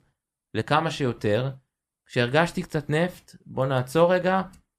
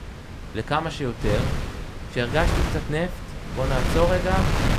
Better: first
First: none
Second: wind noise on the microphone; heavy; 5 dB below the speech

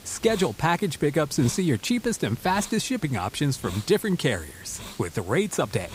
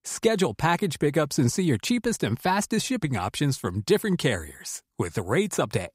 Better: second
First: hiss; noticeable; throughout; 15 dB below the speech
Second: none

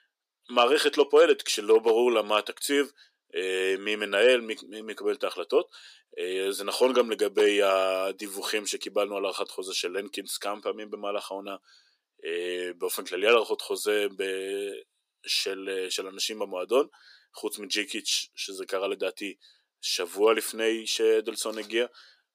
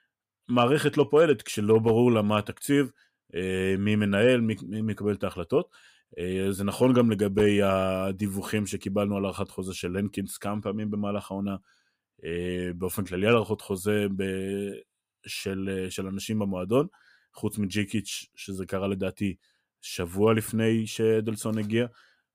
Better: second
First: thin; very; fading below 350 Hz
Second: none

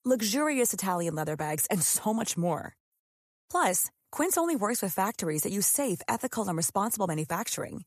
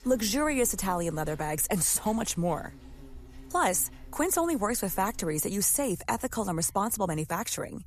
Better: first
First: none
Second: animal sounds; faint; throughout; 20 dB below the speech

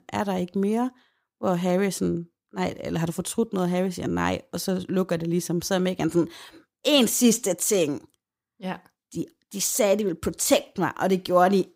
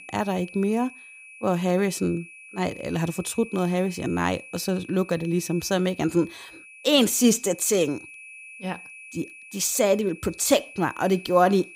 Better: first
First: none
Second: high-pitched whine; noticeable; throughout; 2.5 kHz, 20 dB below the speech

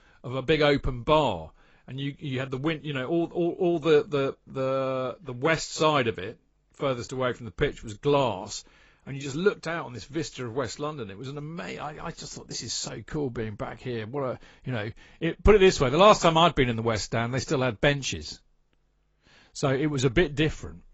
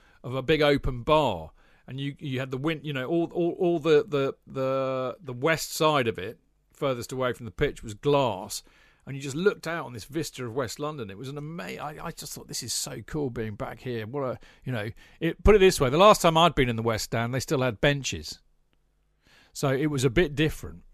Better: second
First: garbled, watery; badly; nothing above 7.5 kHz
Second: none

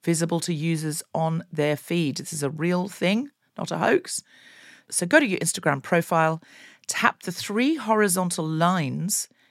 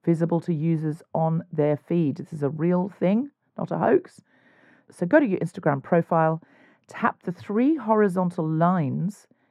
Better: first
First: none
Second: muffled; very; fading above 2.5 kHz

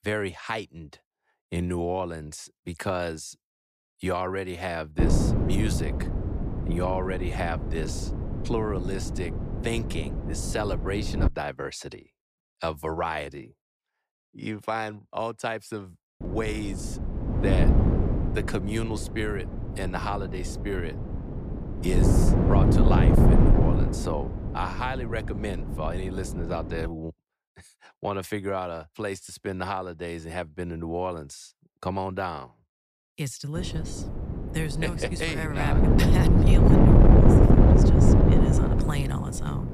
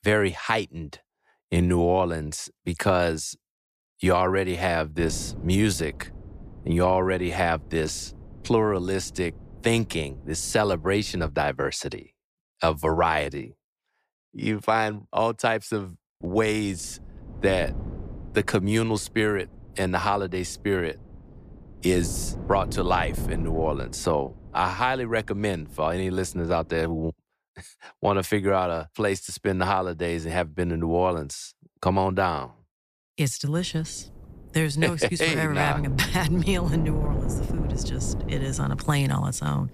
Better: second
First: wind noise on the microphone; heavy; from 5 to 11 s, from 16 to 27 s and from 34 s on; 2 dB above the speech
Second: wind noise on the microphone; occasional gusts; from 5 to 11 s, from 16 to 27 s and from 34 s on; 20 dB below the speech

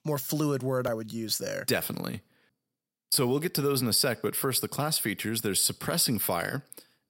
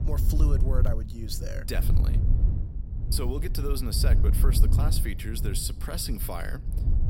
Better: first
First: none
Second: wind noise on the microphone; heavy; 8 dB below the speech

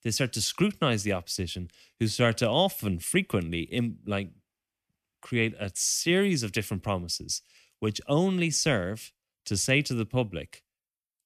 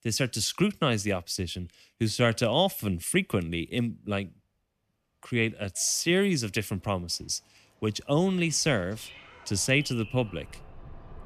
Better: first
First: none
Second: animal sounds; faint; throughout; 20 dB below the speech

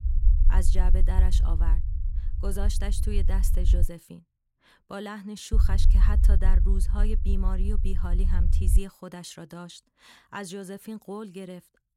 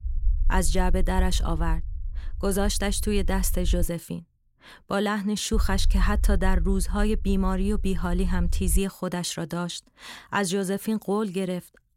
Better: second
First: low rumble; loud; until 4 s and from 5.5 to 9 s; 7 dB below the speech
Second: low rumble; faint; until 4 s and from 5.5 to 9 s; 25 dB below the speech

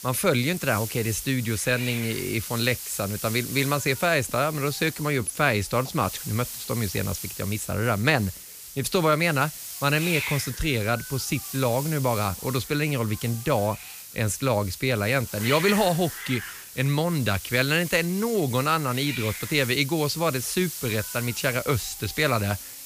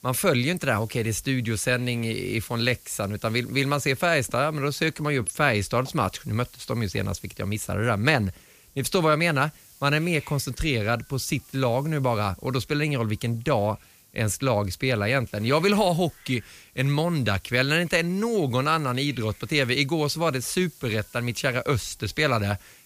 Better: second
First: hiss; loud; throughout; 9 dB below the speech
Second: hiss; faint; throughout; 25 dB below the speech

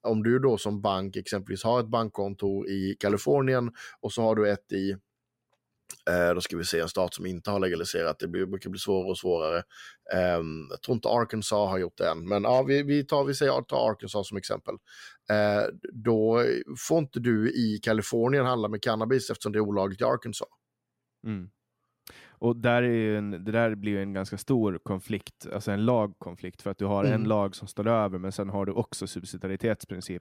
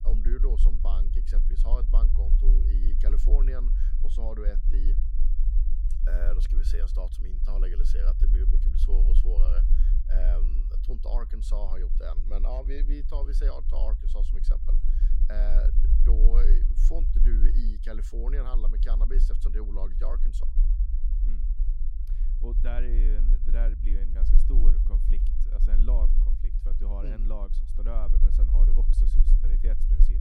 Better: first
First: none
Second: low rumble; loud; throughout; 7 dB below the speech

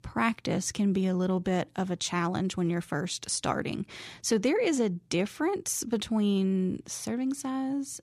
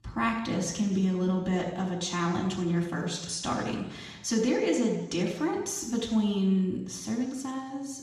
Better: first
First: none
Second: room echo; noticeable; dies away in 1 s // off-mic speech; far

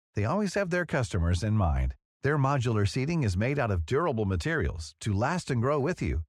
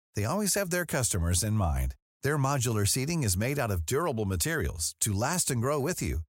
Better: second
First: muffled; slightly; fading above 3 kHz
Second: none

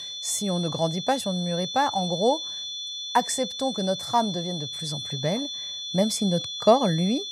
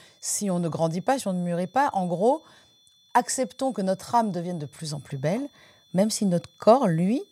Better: second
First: high-pitched whine; loud; throughout; 3.5 kHz, 5 dB below the speech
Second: high-pitched whine; faint; throughout; 3.5 kHz, 30 dB below the speech

